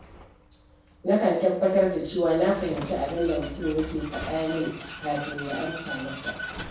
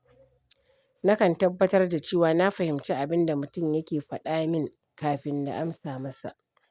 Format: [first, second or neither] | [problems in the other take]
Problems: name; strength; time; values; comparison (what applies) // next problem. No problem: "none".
second | background sound (Vehicle); 12 dB below the speech // room echo; dies away in 0.6 s